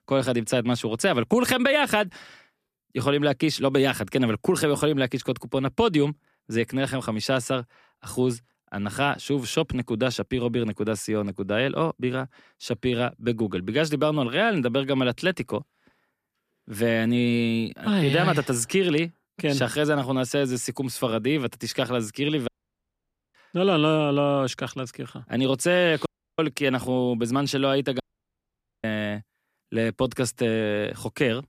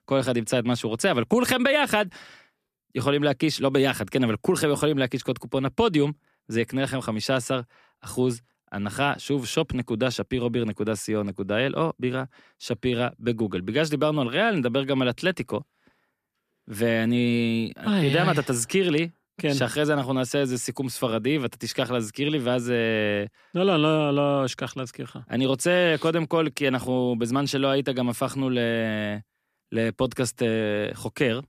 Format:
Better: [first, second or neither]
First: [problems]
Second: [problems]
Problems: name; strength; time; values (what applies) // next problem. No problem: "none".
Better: second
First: audio cutting out; at 22 s for 1 s, at 26 s and at 28 s for 1 s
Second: none